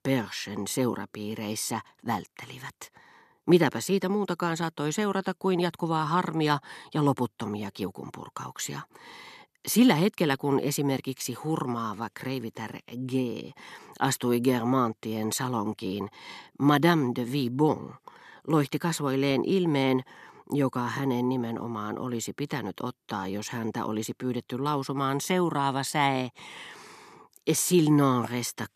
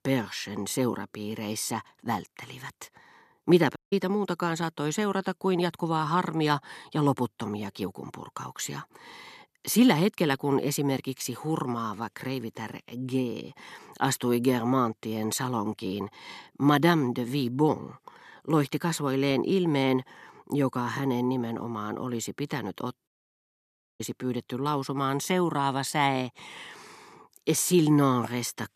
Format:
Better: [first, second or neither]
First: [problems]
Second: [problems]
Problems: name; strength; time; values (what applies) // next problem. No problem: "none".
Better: first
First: none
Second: audio cutting out; at 4 s and at 23 s for 1 s